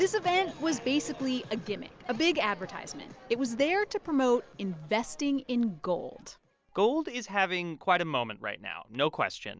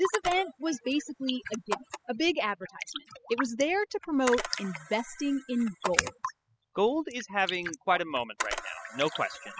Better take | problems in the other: first | noise reduction (classical method spectral subtraction)

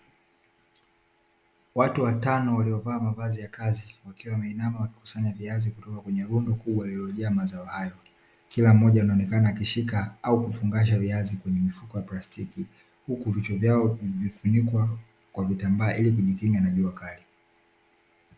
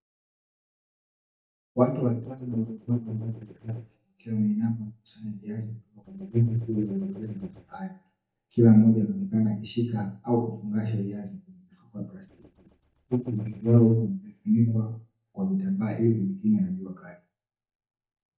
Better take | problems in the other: first | noise reduction (neural mask model DeepFilterNet 3)

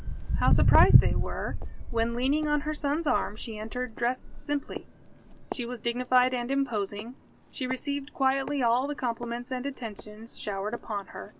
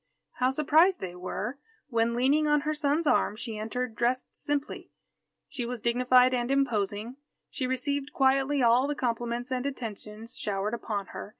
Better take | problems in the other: second | background sound (Walk, footsteps); as loud as the speech

